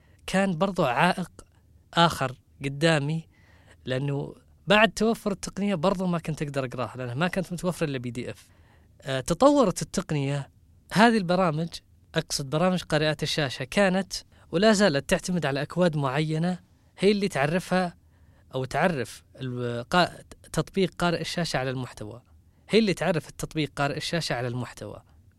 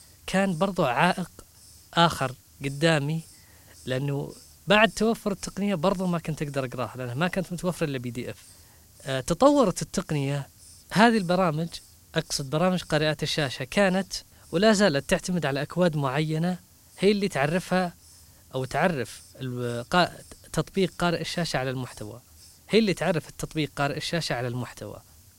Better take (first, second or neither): first